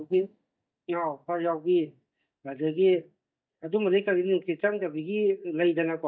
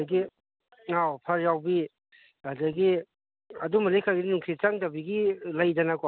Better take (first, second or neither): second